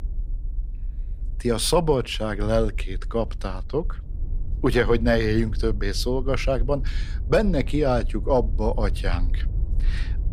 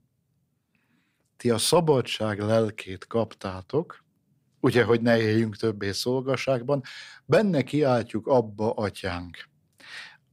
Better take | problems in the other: second | low rumble; faint; throughout; 25 dB below the speech

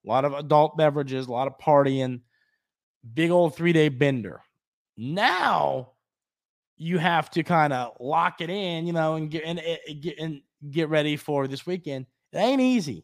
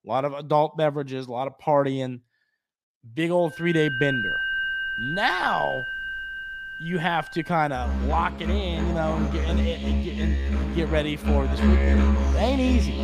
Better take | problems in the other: first | background music; very loud; from 4 s on; as loud as the speech

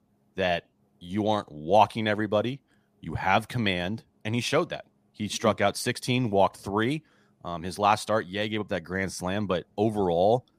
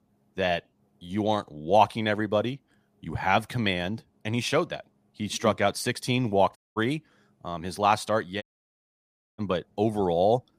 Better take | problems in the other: first | audio cutting out; at 6.5 s and at 8.5 s for 1 s

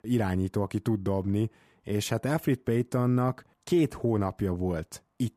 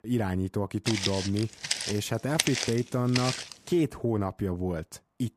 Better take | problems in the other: first | footsteps; loud; from 1 to 3.5 s; peak 2 dB above the speech

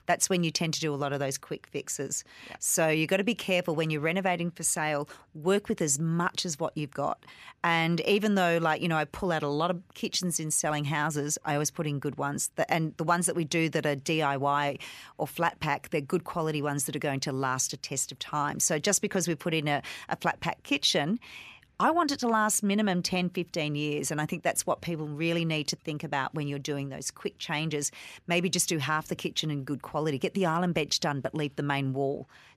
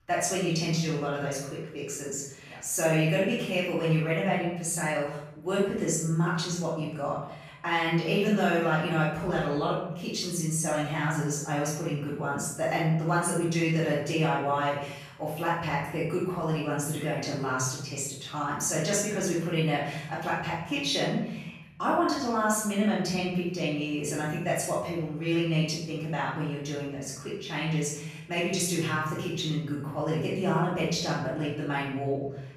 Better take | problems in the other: first | off-mic speech; far // room echo; noticeable; dies away in 0.9 s

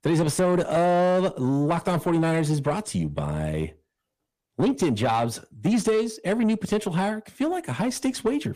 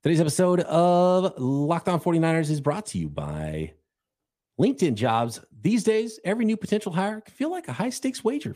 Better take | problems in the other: second | distortion; slight; 9 dB below the speech

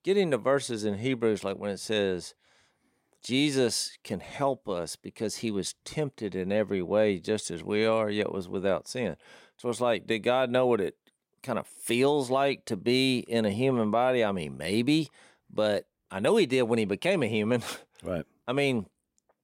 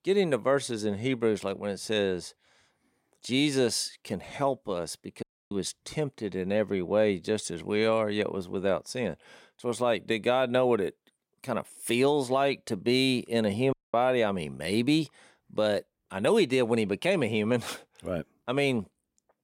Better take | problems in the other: first | audio cutting out; at 5 s and at 14 s

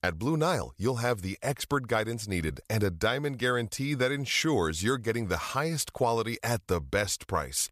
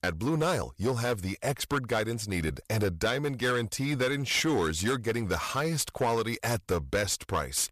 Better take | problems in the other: first | distortion; slight; 9% of the sound clipped

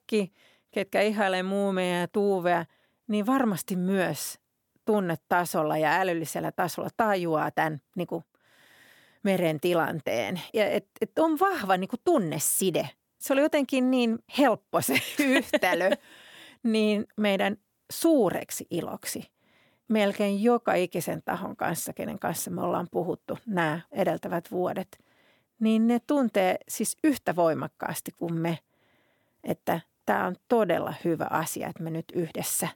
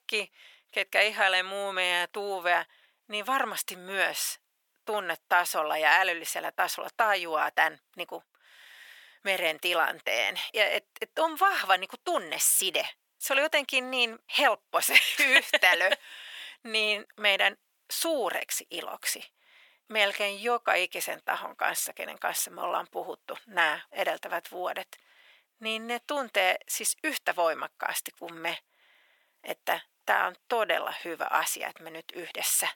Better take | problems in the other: first | thin; very; fading below 800 Hz

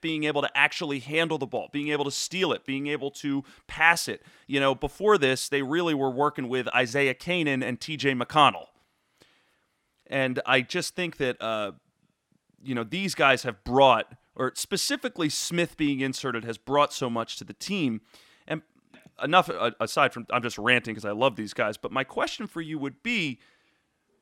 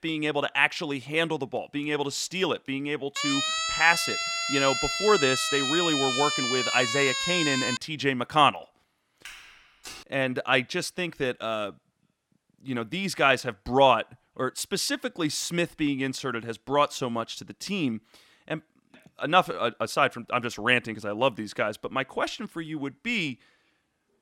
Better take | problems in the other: first | siren; loud; from 3 to 8 s; peak 1 dB above the speech // footsteps; faint; at 9.5 s; peak 15 dB below the speech

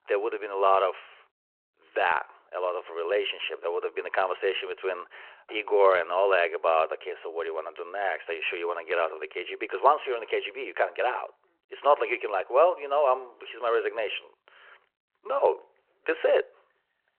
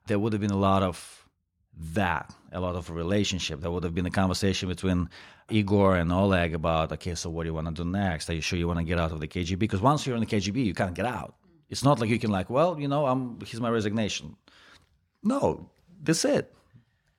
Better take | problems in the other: second | phone-call audio

